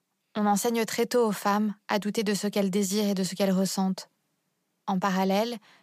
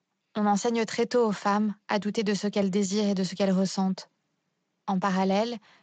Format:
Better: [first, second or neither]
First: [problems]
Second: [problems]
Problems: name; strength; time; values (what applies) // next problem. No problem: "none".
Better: first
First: none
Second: garbled, watery; slightly; nothing above 7.5 kHz